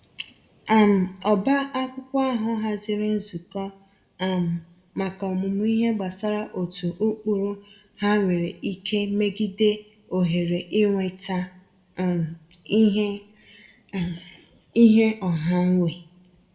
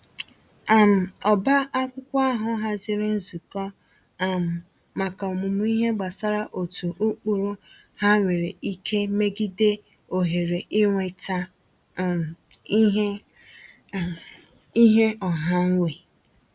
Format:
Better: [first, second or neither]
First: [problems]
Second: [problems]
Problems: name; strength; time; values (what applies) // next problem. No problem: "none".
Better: second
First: room echo; dies away in 0.5 s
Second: none